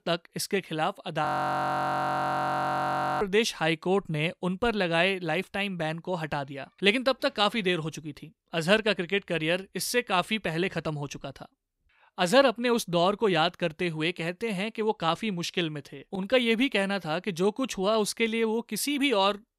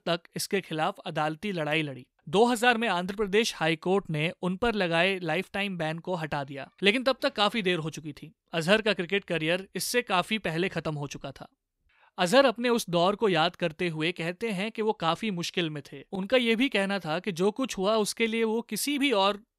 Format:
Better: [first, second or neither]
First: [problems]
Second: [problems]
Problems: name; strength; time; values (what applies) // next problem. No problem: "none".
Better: second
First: audio freezing; at 1.5 s for 2 s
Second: none